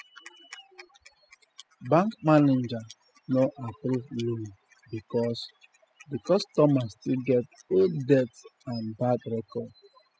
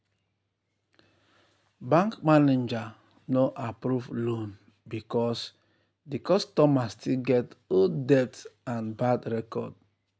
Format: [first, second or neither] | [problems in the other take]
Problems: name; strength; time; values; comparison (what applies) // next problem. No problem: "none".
second | noise reduction (classical method spectral subtraction)